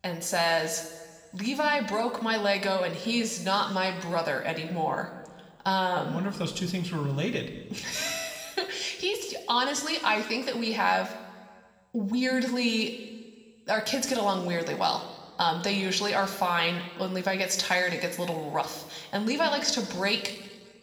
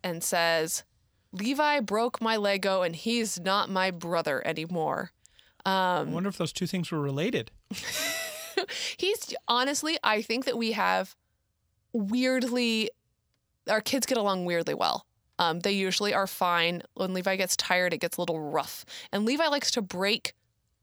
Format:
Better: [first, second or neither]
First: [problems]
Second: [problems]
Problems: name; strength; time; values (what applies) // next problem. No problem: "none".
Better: second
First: room echo; slight; dies away in 1.4 s // off-mic speech; somewhat distant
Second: none